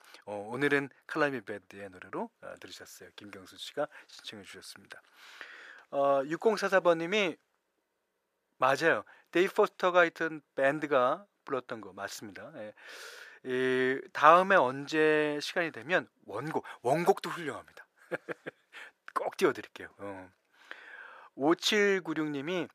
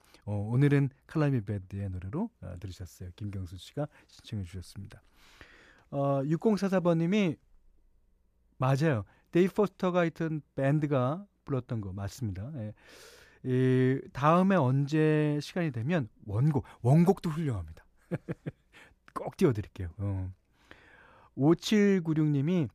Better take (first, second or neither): second